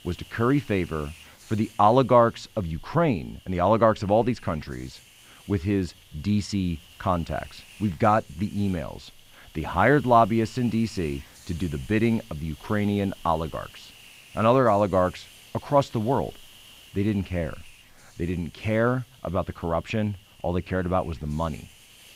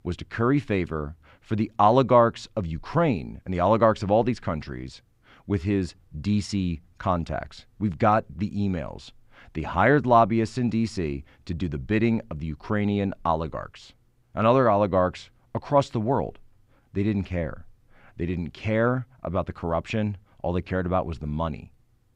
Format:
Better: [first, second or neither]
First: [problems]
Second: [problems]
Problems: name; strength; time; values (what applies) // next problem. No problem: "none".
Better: second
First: hiss; faint; throughout; 25 dB below the speech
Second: none